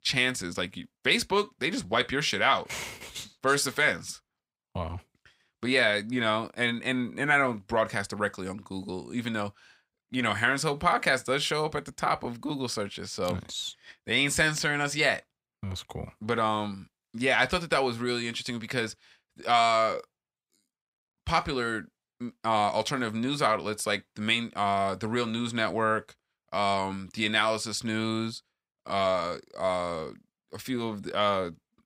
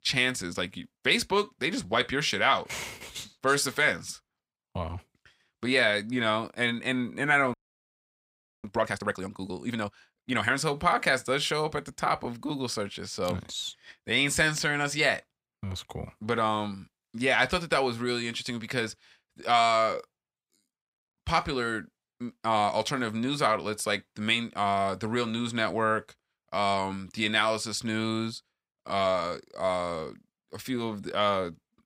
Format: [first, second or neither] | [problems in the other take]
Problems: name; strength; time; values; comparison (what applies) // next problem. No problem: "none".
first | audio freezing; at 7.5 s for 1 s